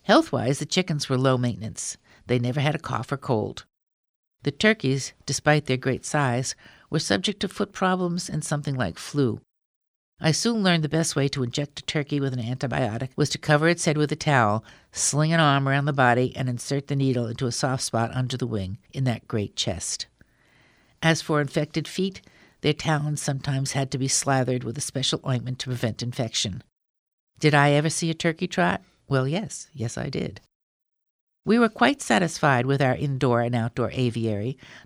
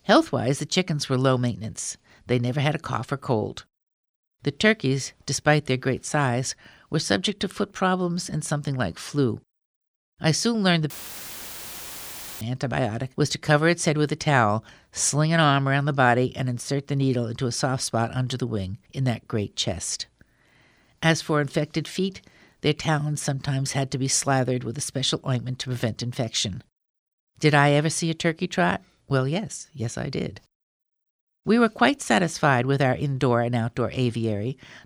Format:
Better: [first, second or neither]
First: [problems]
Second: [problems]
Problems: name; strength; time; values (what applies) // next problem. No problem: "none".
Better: first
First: none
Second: audio cutting out; filled with static; at 11 s for 1.5 s